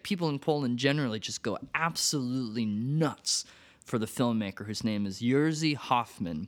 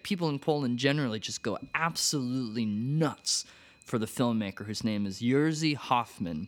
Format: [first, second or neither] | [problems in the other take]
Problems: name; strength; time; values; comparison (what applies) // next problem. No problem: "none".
first | high-pitched whine; faint; throughout; 2.5 kHz, 30 dB below the speech